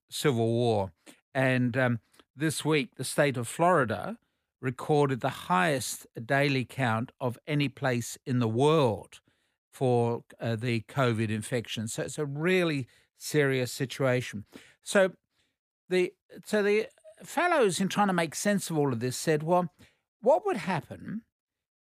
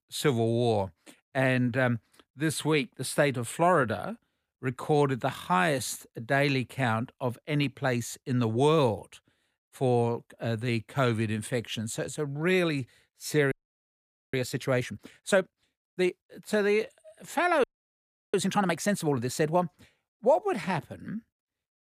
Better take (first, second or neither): first